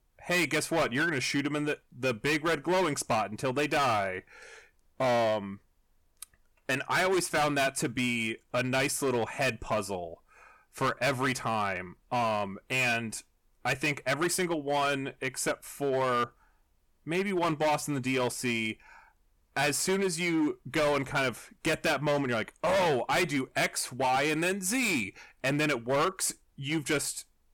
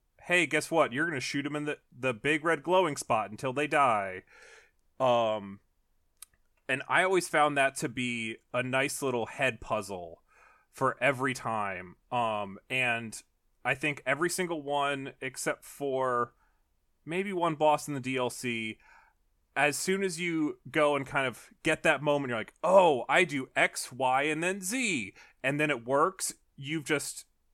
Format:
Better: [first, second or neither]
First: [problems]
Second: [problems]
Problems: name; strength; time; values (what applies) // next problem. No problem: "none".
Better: second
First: distortion; heavy; 12% of the sound clipped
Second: none